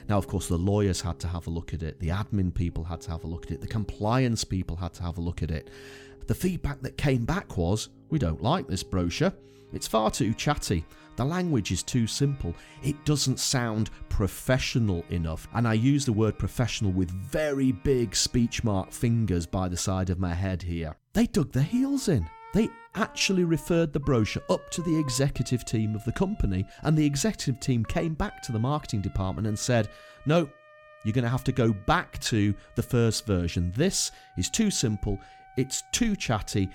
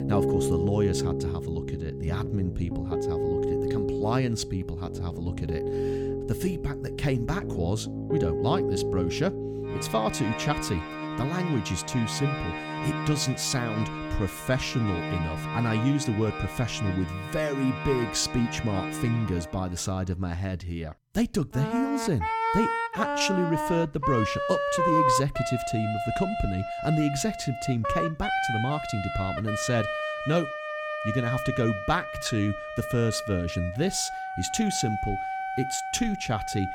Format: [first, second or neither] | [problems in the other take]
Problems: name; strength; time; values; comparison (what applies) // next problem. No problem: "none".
first | background music; loud; throughout; 2 dB below the speech; faint in the first